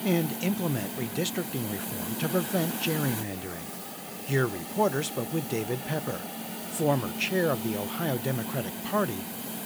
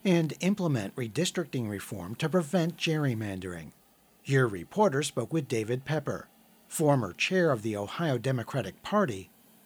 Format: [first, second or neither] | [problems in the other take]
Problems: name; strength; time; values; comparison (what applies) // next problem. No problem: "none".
second | hiss; loud; throughout; 4 dB below the speech; faint in the second